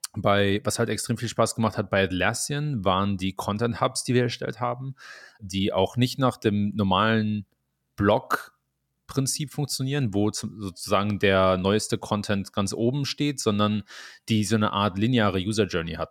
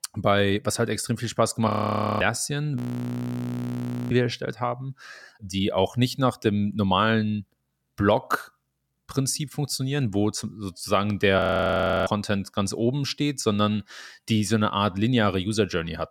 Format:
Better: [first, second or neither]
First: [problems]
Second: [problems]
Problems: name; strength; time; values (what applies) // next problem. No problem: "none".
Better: first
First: none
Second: audio freezing; at 1.5 s for 0.5 s, at 3 s for 1.5 s and at 11 s for 0.5 s